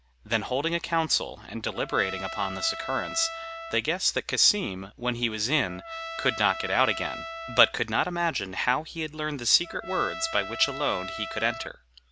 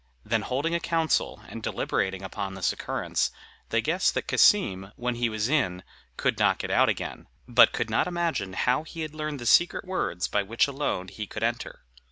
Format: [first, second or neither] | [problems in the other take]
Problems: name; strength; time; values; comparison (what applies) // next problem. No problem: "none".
second | background sound (Trumpet); 11 dB below the speech